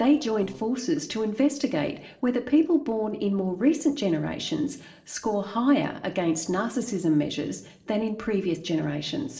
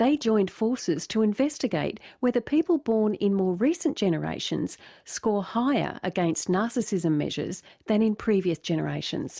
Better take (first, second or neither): second